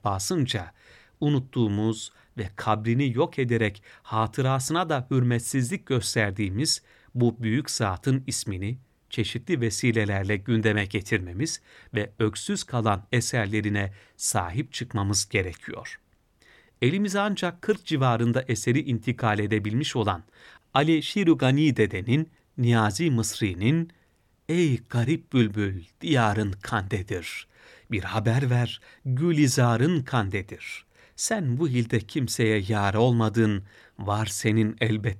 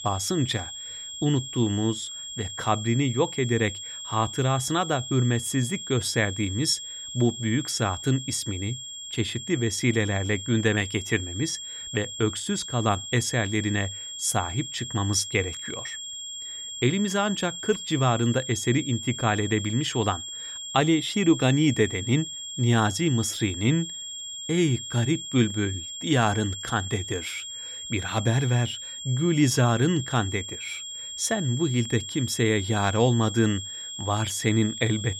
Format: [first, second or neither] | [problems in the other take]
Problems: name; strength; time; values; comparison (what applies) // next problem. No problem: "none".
first | high-pitched whine; loud; throughout; 3.5 kHz, 8 dB below the speech